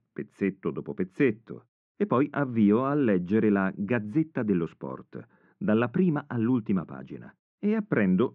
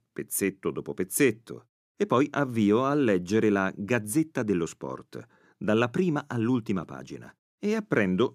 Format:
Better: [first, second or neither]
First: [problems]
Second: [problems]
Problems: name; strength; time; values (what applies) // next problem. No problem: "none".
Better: second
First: muffled; very; fading above 2.5 kHz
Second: none